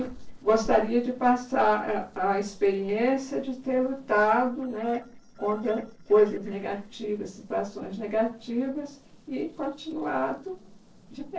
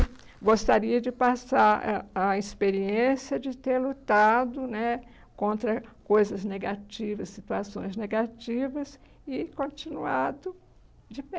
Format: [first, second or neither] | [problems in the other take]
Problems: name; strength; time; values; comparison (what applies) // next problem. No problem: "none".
second | noise reduction (neural separator model SepFormer DNS4)